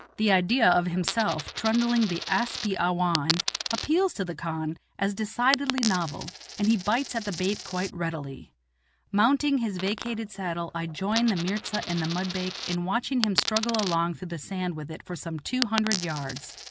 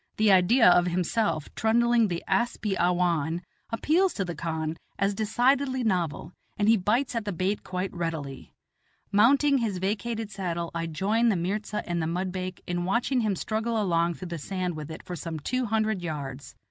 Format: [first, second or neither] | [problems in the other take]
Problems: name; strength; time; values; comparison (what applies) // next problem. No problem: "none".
second | background sound (Coin (dropping)); 9 dB below the speech